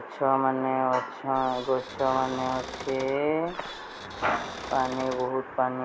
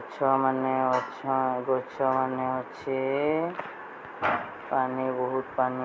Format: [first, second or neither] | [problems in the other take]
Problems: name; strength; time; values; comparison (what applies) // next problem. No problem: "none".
second | background sound (Cupboard open or close / Door); 13 dB below the speech